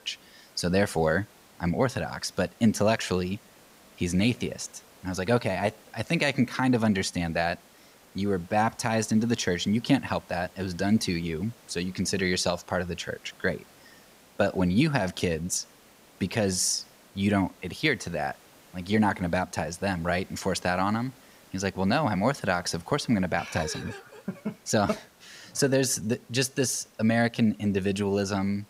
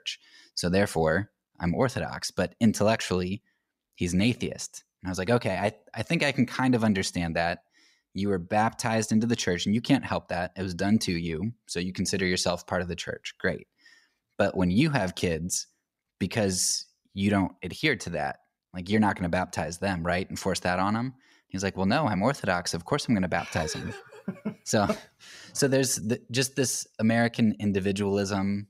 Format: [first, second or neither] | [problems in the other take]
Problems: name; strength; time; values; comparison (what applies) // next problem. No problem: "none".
second | hiss; faint; throughout; 25 dB below the speech